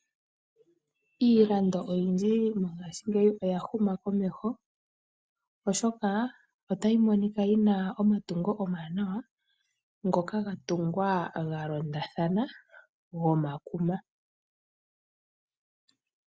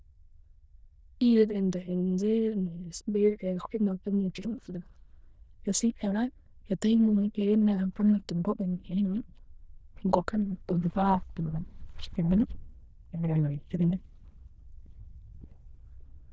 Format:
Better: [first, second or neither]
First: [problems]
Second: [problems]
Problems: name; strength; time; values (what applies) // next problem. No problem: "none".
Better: first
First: none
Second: noise reduction (neural diffusion model UNIVERSE++)